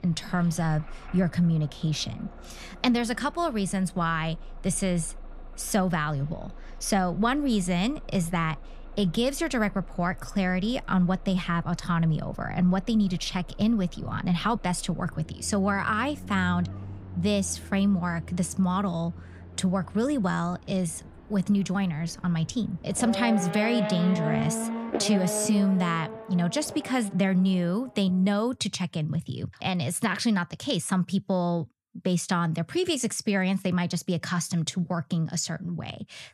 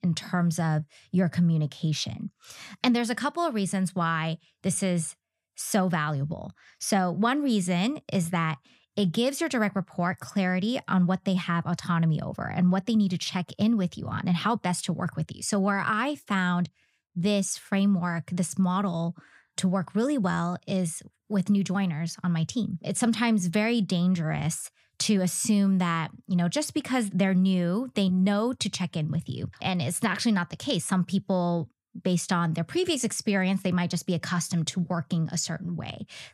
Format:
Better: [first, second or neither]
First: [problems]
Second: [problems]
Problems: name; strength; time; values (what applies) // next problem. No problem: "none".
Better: second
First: traffic noise; noticeable; until 28 s; 15 dB below the speech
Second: none